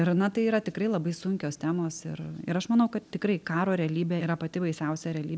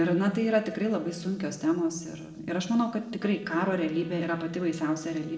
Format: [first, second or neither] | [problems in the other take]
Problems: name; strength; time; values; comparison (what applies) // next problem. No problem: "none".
first | noise reduction (neural separator model SepFormer DNS4)